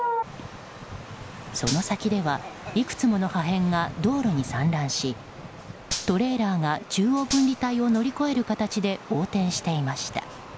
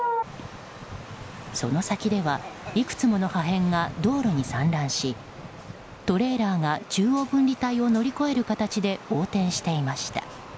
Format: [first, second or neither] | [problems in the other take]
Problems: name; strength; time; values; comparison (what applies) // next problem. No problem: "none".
second | background sound (Gunshot, gunfire); 11 dB below the speech